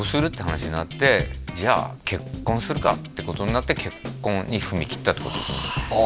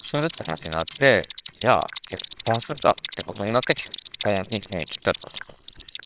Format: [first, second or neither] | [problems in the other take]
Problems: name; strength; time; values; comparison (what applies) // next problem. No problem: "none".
first | noise reduction (neural separator model SepFormer WHAMR!)